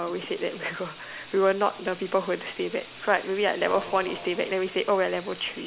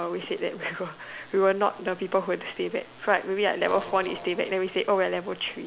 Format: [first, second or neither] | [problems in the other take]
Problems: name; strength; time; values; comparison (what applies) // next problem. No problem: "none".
second | background sound (Sink (filling or washing) / Water tap, faucet); 19 dB below the speech